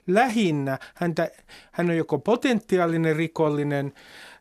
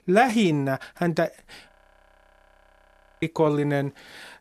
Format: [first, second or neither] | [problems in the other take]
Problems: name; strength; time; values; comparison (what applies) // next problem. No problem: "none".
first | audio freezing; at 1.5 s for 1.5 s